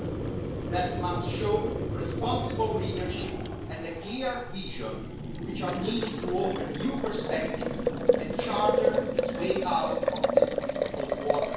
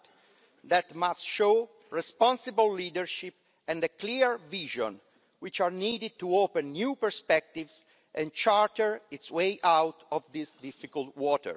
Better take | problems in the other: second | background sound (Boiling); 3 dB above the speech // room echo; dies away in 0.6 s

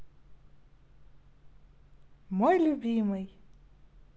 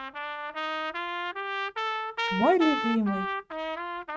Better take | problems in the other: first | noise reduction (neural mask model RNNoise)

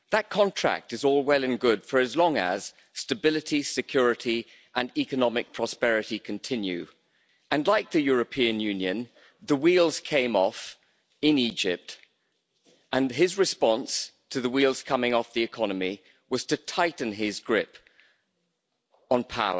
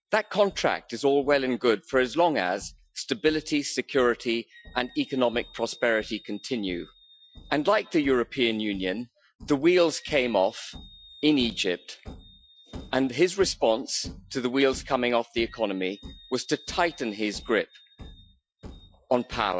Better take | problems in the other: first | noise reduction (classical method Wiener filter)

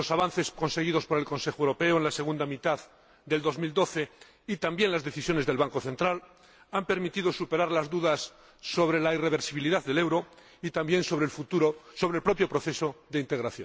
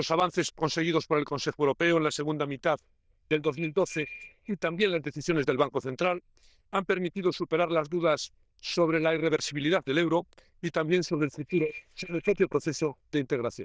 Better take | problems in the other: first | noise reduction (neural diffusion model UNIVERSE++)

